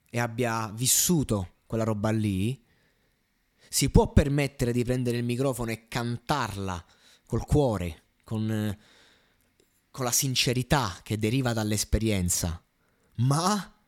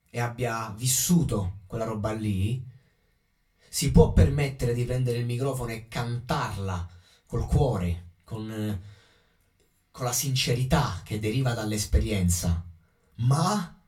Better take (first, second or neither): first